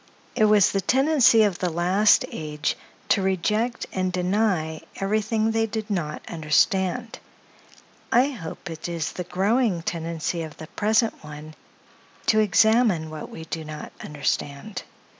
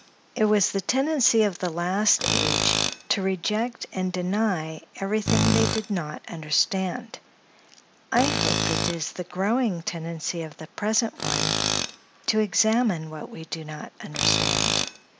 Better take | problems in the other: first | background sound (Tools); 3 dB below the speech

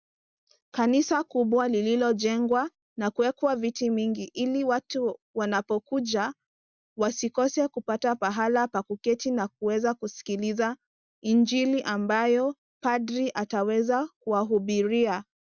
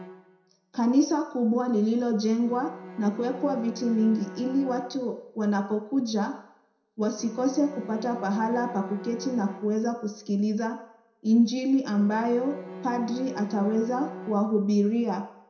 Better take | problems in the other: first | background sound (Bowed string instrument); 16 dB below the speech // room echo; dies away in 0.6 s

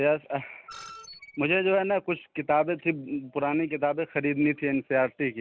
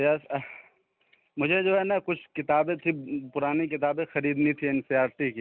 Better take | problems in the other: second | background sound (Screech); 19 dB below the speech

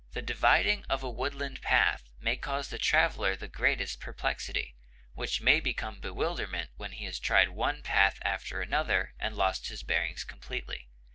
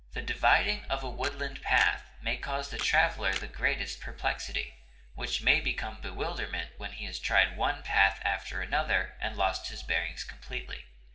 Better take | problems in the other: first | background sound (Camera); 14 dB below the speech // room echo; dies away in 1.2 s

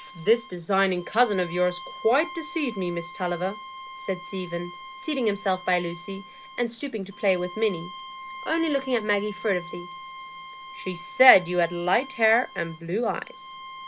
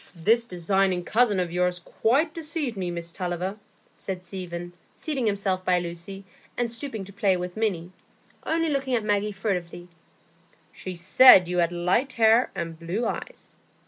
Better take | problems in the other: second | background sound (Bowed string instrument); 15 dB below the speech

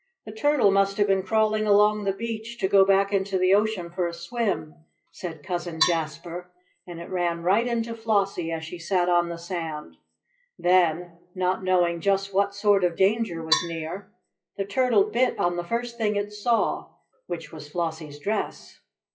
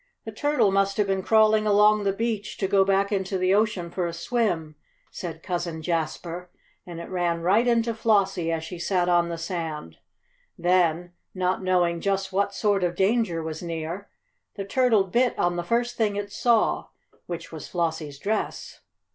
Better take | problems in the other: second | noise reduction (classical method WPE with log-MMSE)

